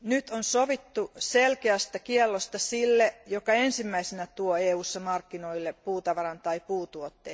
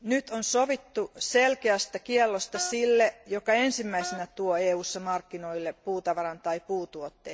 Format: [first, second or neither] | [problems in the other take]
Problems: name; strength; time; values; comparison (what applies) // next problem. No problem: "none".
first | background sound (Wind instrument, woodwind instrument); 13 dB below the speech